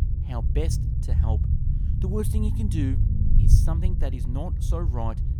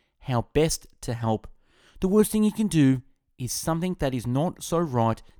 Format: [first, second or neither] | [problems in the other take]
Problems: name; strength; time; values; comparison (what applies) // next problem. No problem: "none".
second | low rumble; loud; throughout; 3 dB below the speech